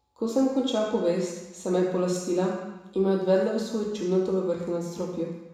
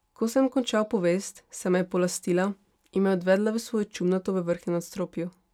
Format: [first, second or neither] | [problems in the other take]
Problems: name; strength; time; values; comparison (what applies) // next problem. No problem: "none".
second | room echo; dies away in 1 s